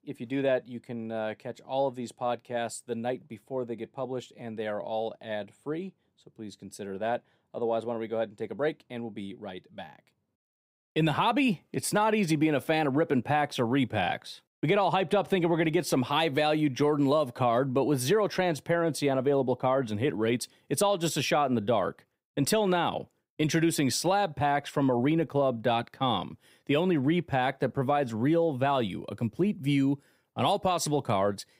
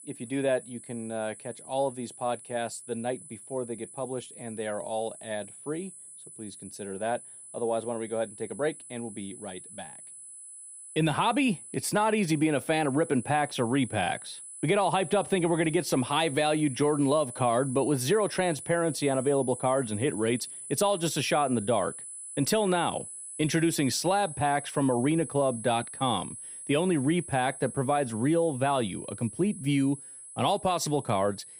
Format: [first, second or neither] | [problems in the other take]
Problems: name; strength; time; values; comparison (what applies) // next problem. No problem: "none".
first | high-pitched whine; noticeable; throughout; 10 kHz, 10 dB below the speech